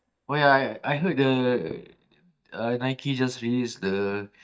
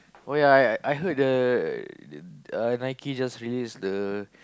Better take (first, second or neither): second